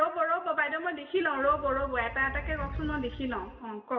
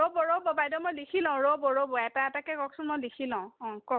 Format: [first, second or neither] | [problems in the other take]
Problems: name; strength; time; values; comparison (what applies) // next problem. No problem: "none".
second | background sound (Animal); 10 dB below the speech // room echo; dies away in 1.5 s